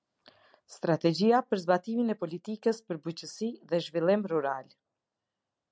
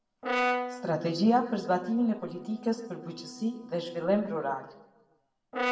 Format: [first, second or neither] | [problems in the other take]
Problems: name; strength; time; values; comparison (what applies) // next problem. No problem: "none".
first | background sound (Brass instrument); 6 dB below the speech // room echo; dies away in 0.6 s